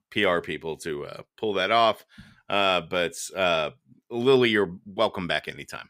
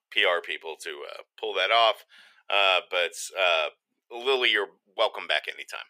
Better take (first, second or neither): first